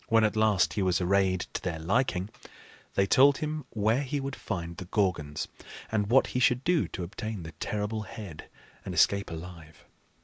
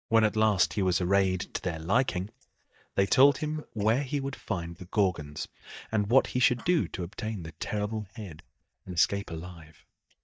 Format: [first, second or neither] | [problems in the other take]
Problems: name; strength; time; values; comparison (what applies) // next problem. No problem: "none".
first | noise reduction (neural mask model DeepFilterNet 3)